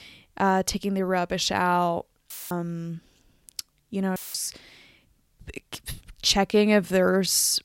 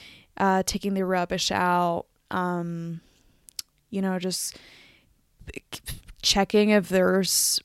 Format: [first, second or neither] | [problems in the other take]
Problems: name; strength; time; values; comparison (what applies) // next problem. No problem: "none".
second | audio cutting out; filled with static; at 2.5 s and at 4 s